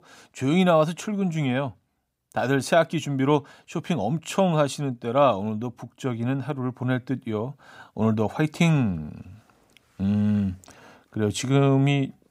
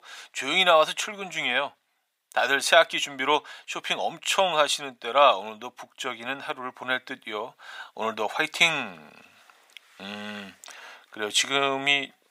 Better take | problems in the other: first | thin; very; fading below 800 Hz

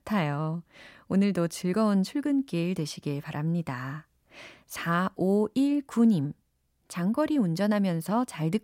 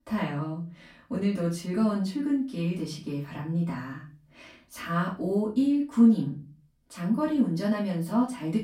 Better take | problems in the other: first | off-mic speech; far // room echo; slight; dies away in 0.3 s

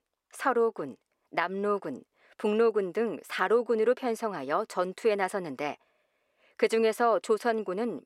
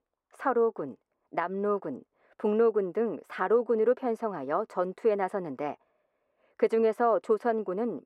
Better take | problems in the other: first | muffled; slightly; fading above 2 kHz

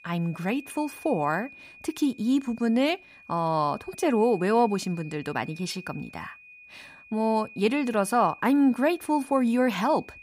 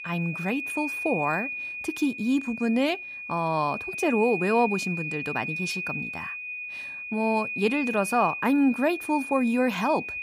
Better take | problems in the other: first | high-pitched whine; loud; throughout; 2.5 kHz, 5 dB below the speech; faint in the first

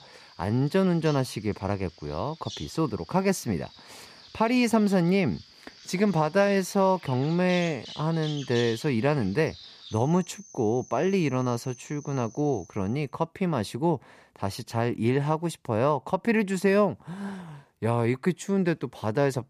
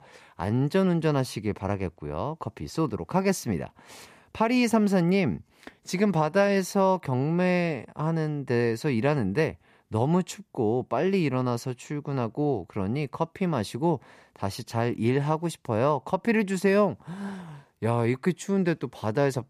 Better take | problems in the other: second | animal sounds; noticeable; until 13 s; 20 dB below the speech

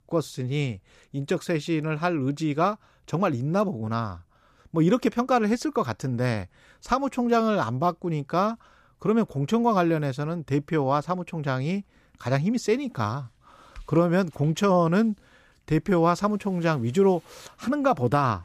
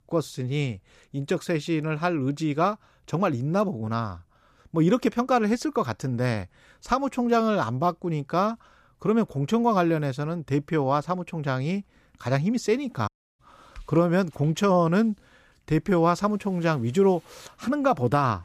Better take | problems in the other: first | audio cutting out; at 13 s

